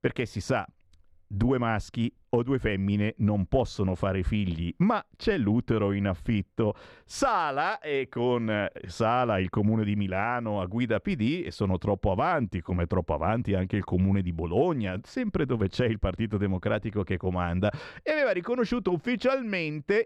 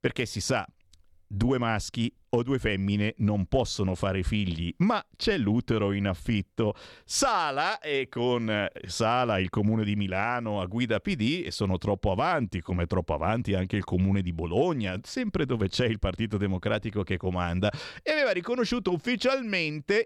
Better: second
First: muffled; slightly; fading above 3 kHz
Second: none

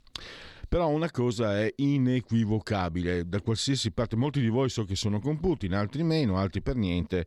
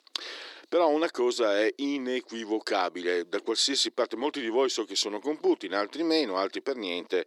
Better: first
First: none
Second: thin; somewhat; fading below 300 Hz

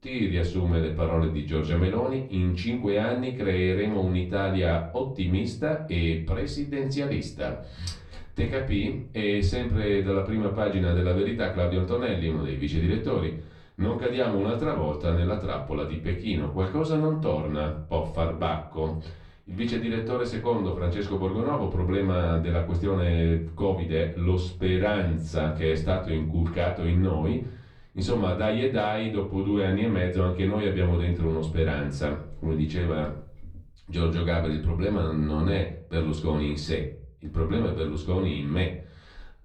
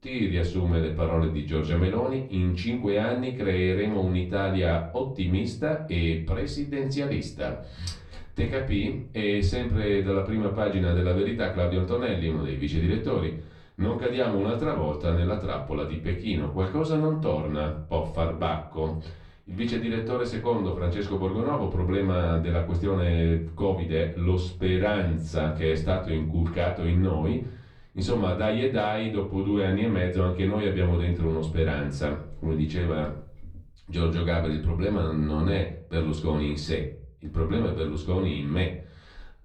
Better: neither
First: off-mic speech; far // room echo; slight; dies away in 0.4 s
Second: off-mic speech; far // room echo; slight; dies away in 0.4 s

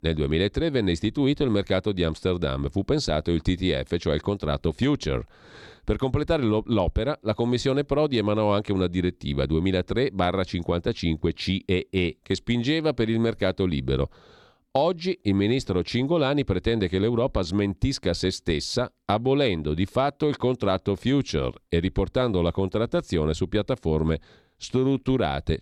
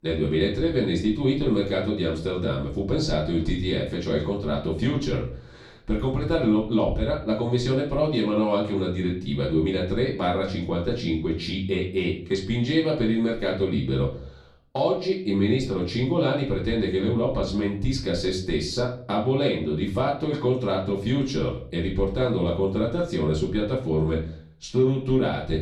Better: first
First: none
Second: room echo; slight; dies away in 0.4 s // off-mic speech; far

